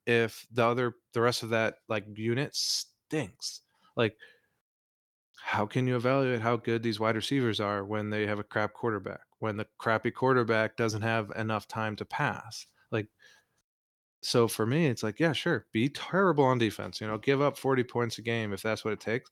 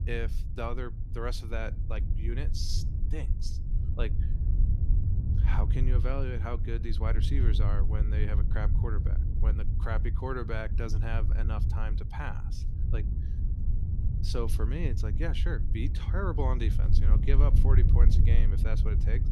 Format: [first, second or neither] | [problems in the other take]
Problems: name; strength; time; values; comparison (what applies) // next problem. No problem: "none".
first | low rumble; loud; throughout; 7 dB below the speech